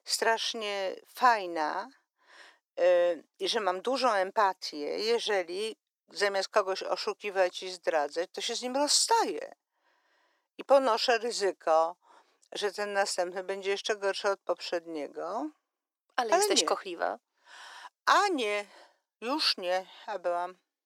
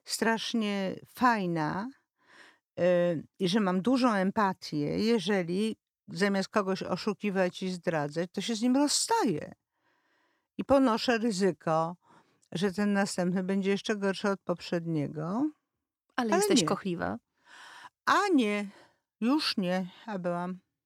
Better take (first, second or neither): second